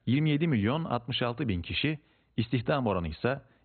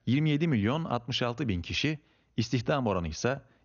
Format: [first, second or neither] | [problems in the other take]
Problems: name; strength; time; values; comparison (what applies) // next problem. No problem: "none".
second | garbled, watery; badly; nothing above 4 kHz; slightly in the second